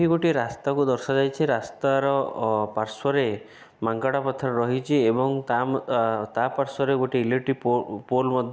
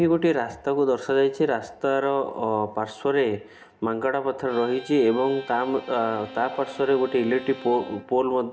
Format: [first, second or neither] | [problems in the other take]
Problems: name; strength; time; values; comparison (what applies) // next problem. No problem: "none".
first | background sound (Bowed string instrument); 17 dB below the speech // room echo; dies away in 0.3 s